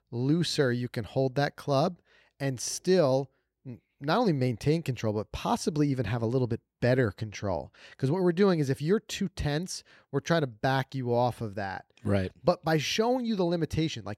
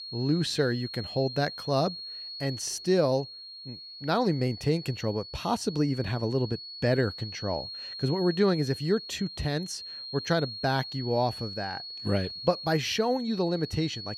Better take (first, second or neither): first